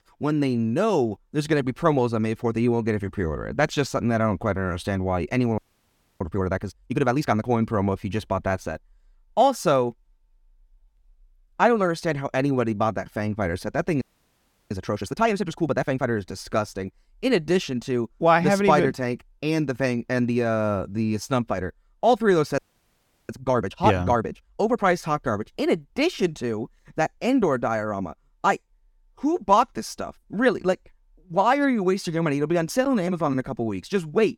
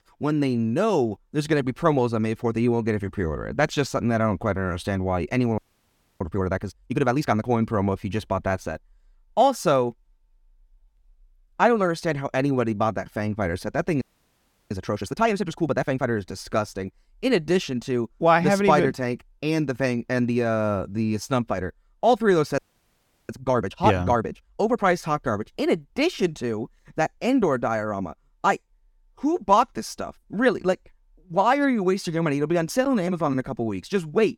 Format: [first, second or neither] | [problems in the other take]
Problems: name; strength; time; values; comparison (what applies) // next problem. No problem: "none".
neither | audio freezing; at 5.5 s for 0.5 s, at 14 s for 0.5 s and at 23 s for 0.5 s; the same in both